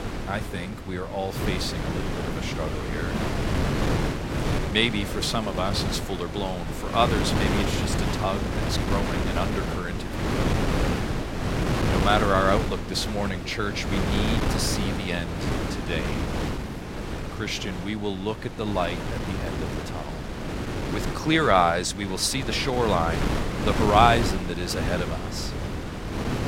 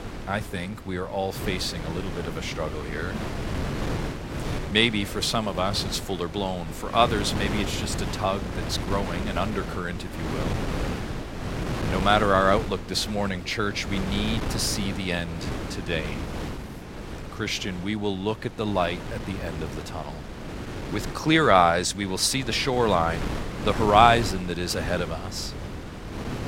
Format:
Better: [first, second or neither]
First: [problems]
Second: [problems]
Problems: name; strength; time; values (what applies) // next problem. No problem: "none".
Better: second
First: wind noise on the microphone; heavy; 5 dB below the speech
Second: wind noise on the microphone; occasional gusts; 10 dB below the speech